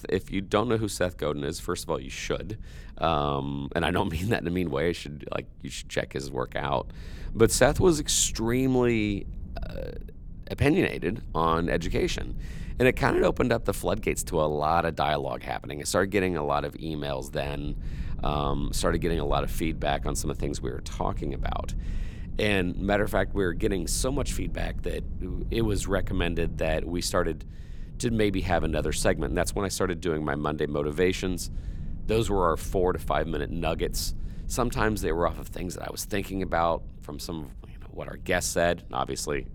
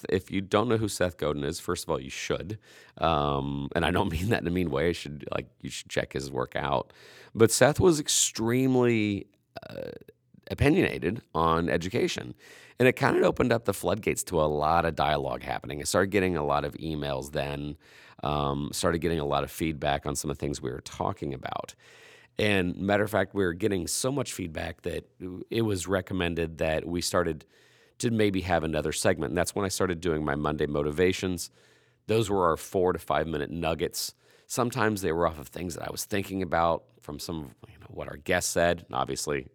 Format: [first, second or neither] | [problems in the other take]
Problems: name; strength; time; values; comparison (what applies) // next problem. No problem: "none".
second | low rumble; faint; throughout; 25 dB below the speech